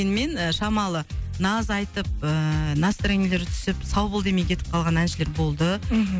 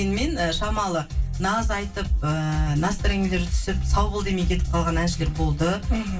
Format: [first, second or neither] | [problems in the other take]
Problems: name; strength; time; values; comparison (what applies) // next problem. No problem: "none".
first | room echo; dies away in 0.2 s